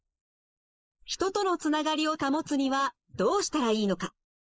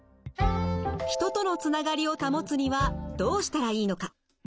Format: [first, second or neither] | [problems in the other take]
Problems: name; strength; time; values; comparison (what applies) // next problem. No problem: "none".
second | noise reduction (neural mask model Resemble Enhance denoiser)